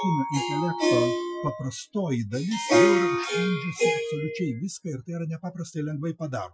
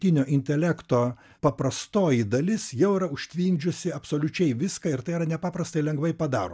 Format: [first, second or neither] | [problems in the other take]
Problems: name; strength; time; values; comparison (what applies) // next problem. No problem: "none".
second | noise reduction (classical method Wiener filter)